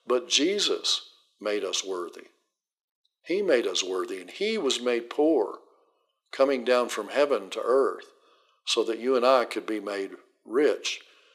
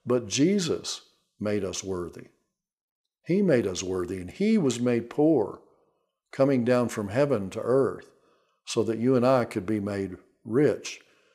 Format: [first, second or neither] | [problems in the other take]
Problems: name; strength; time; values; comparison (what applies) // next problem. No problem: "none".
second | thin; somewhat; fading below 350 Hz